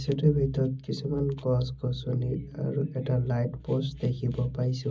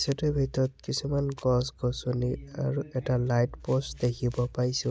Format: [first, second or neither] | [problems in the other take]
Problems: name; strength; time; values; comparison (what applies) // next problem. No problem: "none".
second | room echo; dies away in 0.4 s